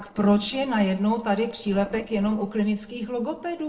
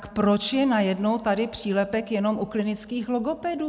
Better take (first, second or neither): second